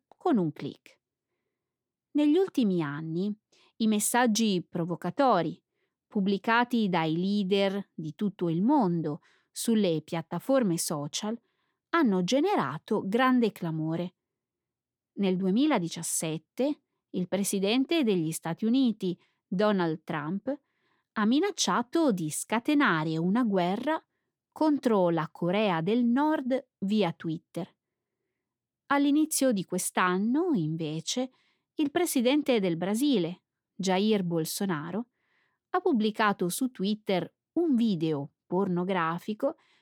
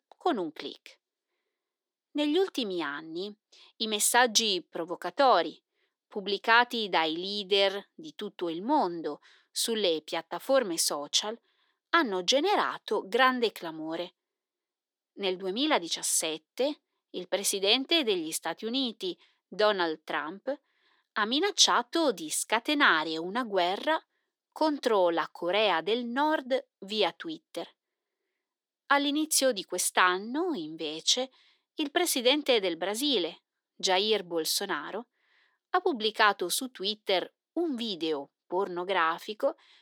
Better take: first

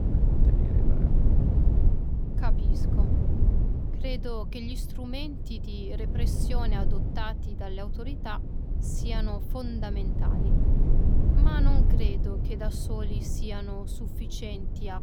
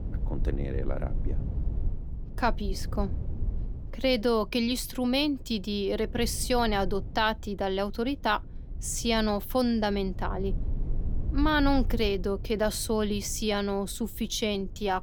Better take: second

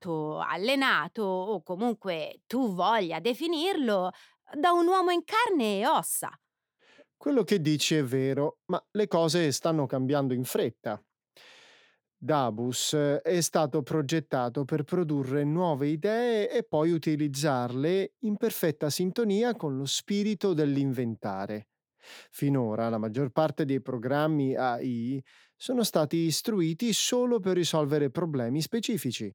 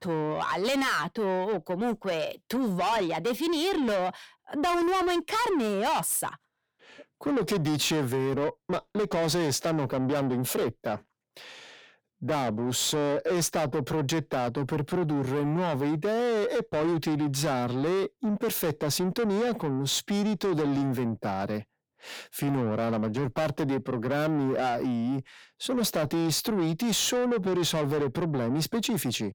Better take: first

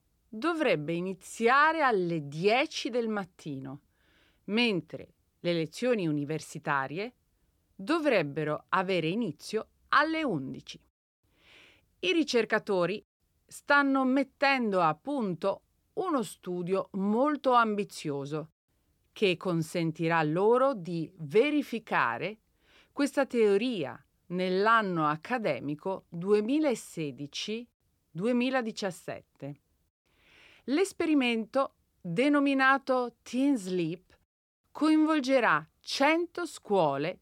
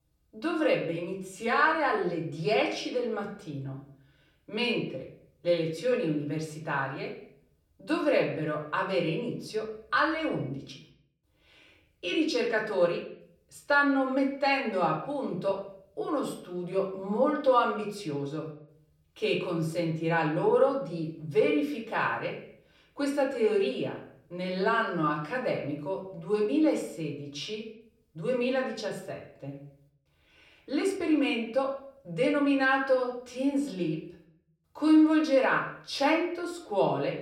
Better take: first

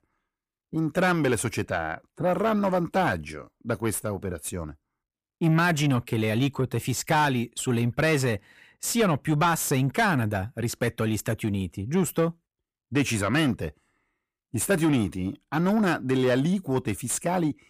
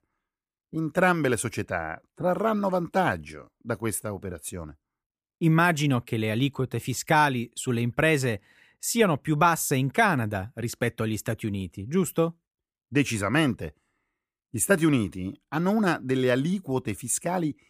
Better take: second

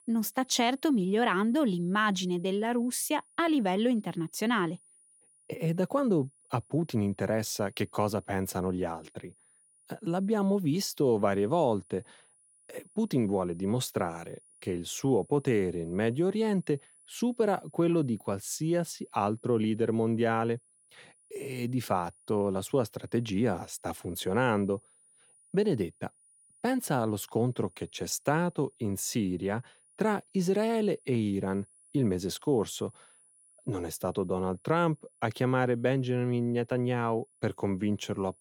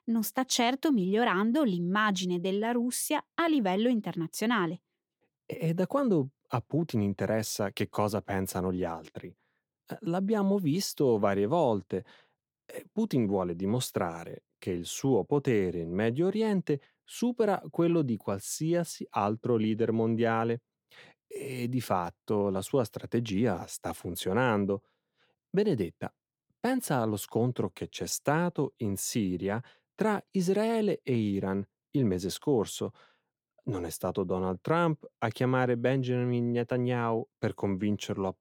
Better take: second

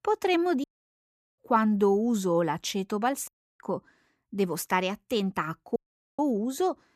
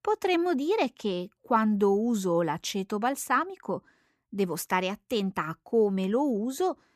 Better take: second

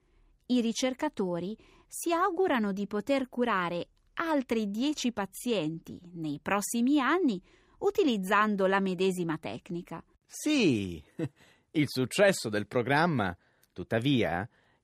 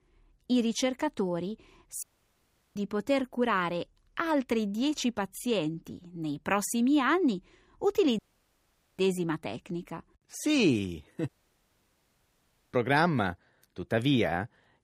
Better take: first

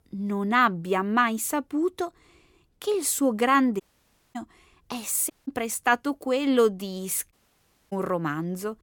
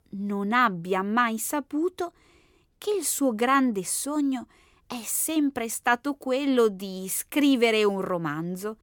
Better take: second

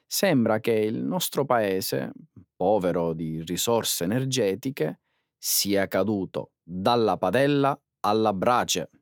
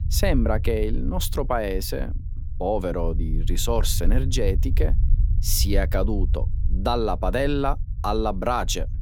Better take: first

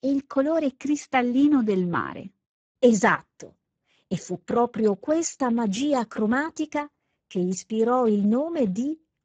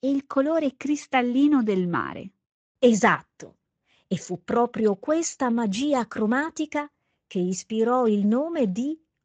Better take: second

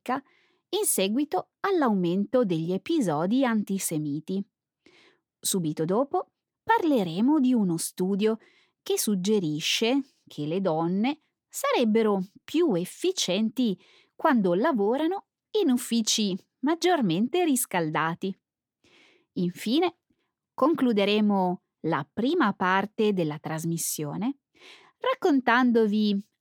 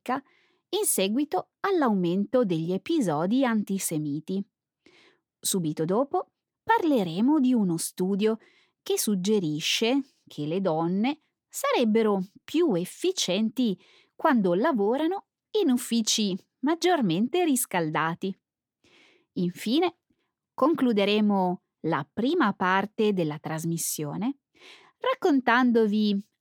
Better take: neither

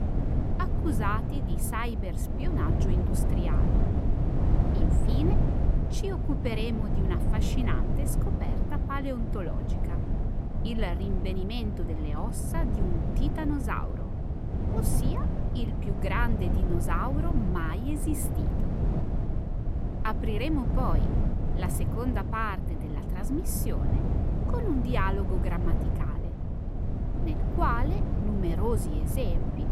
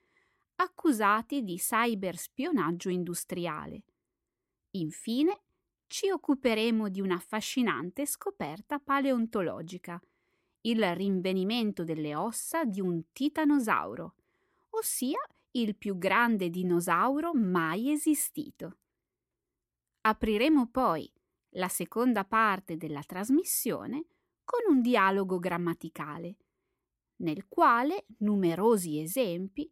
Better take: second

